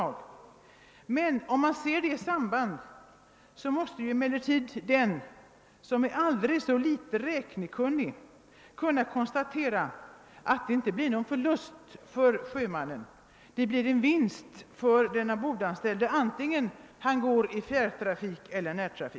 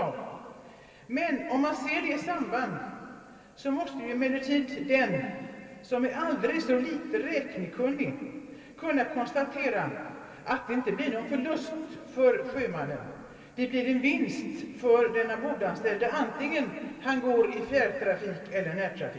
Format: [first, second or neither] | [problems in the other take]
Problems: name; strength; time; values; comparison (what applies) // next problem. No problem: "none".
first | room echo; dies away in 2.7 s